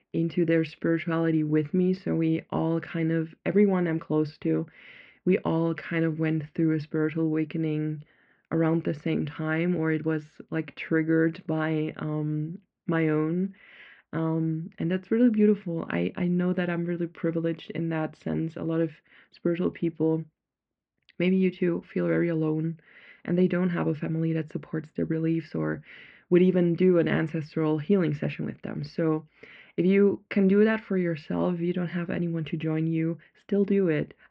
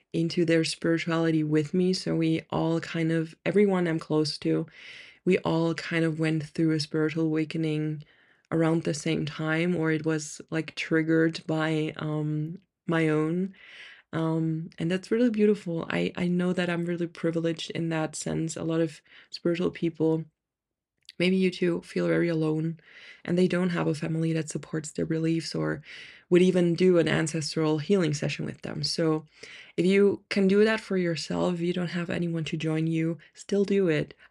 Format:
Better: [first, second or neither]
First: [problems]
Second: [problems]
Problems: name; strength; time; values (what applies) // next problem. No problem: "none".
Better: second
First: muffled; very; fading above 2.5 kHz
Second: none